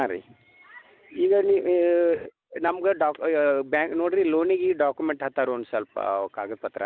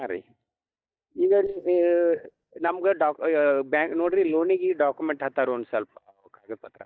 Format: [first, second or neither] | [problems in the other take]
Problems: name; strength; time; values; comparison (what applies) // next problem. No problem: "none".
first | noise reduction (neural mask model DeepFilterNet 3)